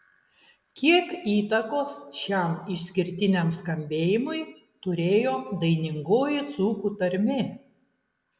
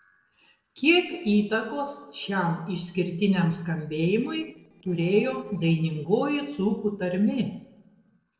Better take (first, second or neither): first